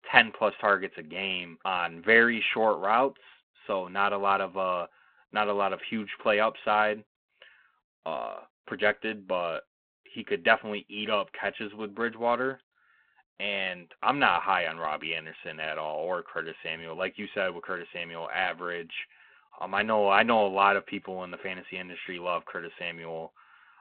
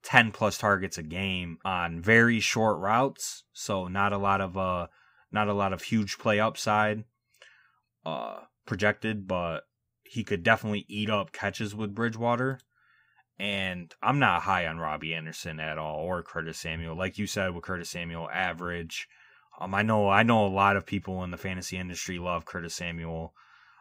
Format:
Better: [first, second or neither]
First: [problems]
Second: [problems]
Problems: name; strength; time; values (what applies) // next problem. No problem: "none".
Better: second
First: phone-call audio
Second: none